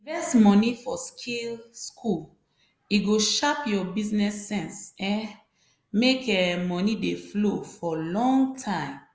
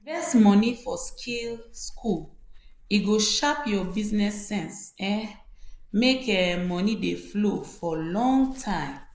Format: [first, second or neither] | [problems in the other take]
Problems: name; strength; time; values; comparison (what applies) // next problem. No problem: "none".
first | noise reduction (neural mask model Resemble Enhance denoiser)